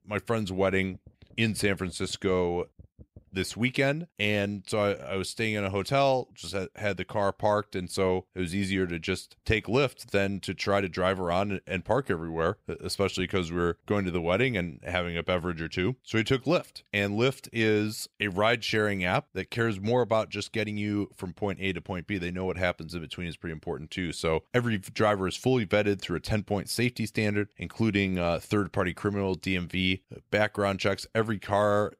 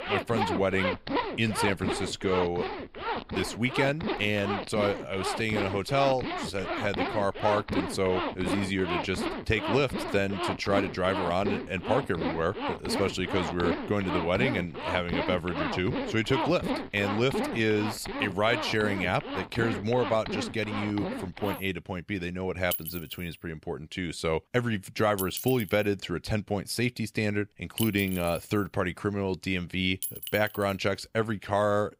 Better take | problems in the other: first | household noises; loud; throughout; 4 dB below the speech

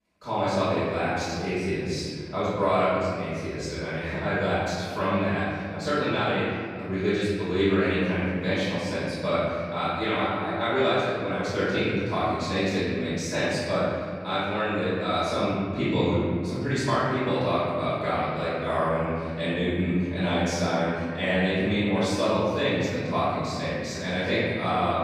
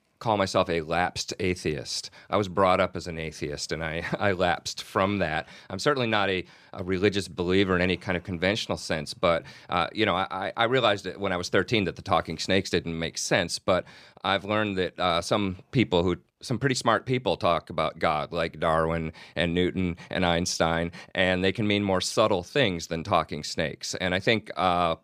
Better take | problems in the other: second | off-mic speech; far // room echo; strong; dies away in 2.4 s

